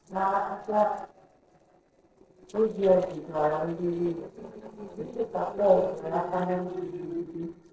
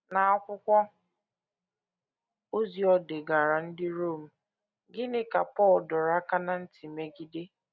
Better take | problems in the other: second | noise reduction (neural separator model SepFormer DNS4)

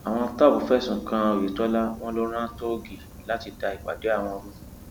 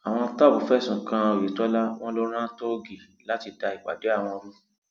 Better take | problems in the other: second | background sound (Fire); 18 dB below the speech

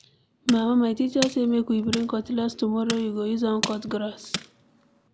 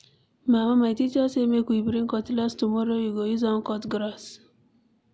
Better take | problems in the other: second | background sound (Tools); 11 dB below the speech

